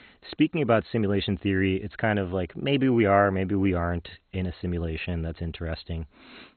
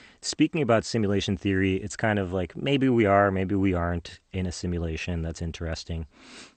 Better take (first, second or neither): second